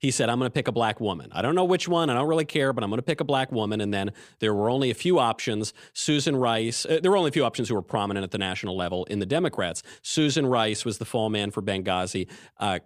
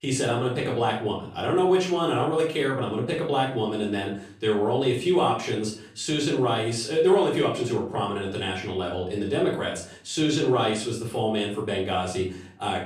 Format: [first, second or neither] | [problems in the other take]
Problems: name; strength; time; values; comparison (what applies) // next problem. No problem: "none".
first | off-mic speech; far // room echo; slight; dies away in 0.4 s